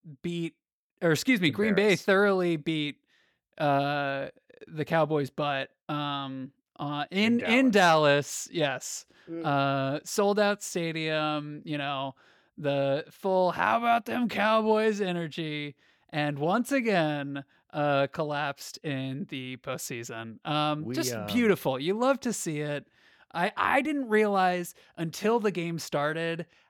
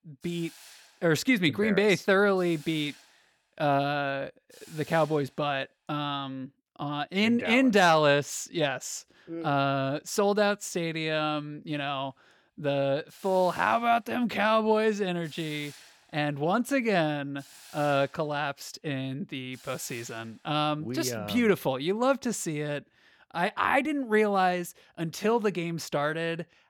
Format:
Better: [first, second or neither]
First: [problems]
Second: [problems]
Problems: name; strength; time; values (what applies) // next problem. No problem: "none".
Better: first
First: none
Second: hiss; faint; until 6 s and from 12 to 21 s; 20 dB below the speech